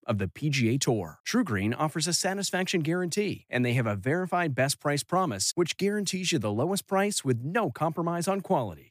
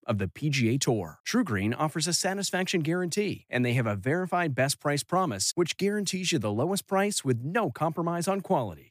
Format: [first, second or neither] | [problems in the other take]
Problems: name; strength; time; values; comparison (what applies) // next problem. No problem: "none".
neither | none